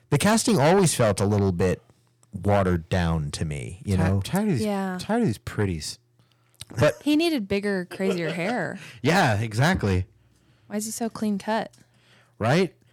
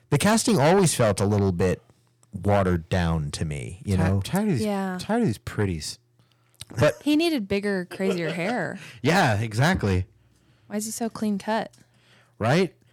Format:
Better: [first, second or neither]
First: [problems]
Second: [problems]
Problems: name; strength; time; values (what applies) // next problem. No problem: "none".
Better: neither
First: distortion; heavy; 8 dB below the speech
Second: distortion; heavy; 8 dB below the speech